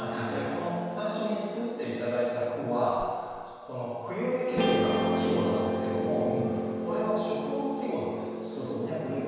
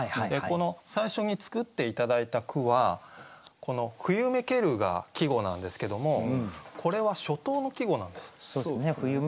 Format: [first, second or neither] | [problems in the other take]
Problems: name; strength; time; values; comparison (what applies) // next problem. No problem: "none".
second | background sound (Guitar); 2 dB below the speech // room echo; dies away in 1.9 s